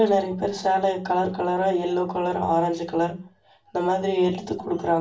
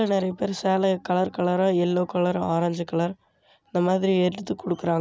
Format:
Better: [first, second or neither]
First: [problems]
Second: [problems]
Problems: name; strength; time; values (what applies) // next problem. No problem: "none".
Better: second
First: room echo; dies away in 0.3 s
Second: none